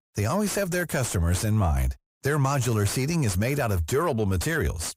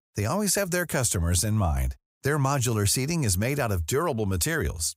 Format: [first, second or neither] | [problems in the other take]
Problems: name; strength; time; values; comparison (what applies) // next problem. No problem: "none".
second | distortion; slight; 10 dB below the speech